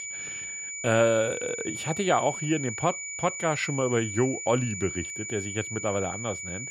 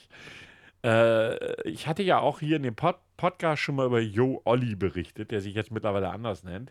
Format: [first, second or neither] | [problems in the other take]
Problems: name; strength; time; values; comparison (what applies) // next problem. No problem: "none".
second | high-pitched whine; loud; throughout; 7 kHz, 6 dB below the speech